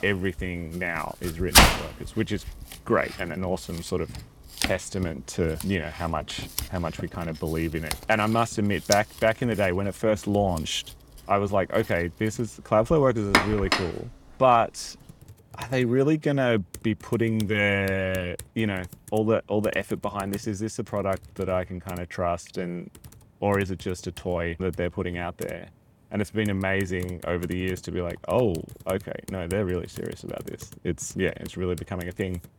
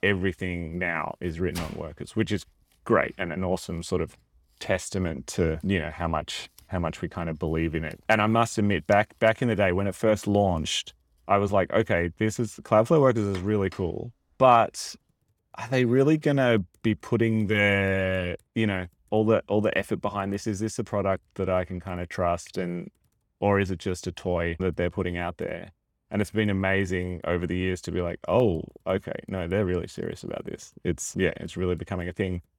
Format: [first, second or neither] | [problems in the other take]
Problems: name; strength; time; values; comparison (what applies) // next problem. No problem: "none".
second | household noises; loud; throughout; 1 dB below the speech; faint in the second